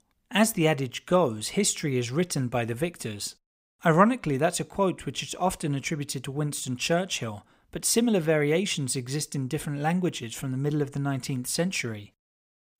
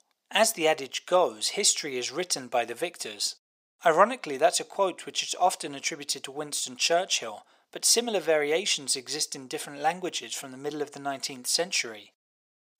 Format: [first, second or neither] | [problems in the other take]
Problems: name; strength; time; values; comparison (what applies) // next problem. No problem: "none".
first | thin; very; fading below 450 Hz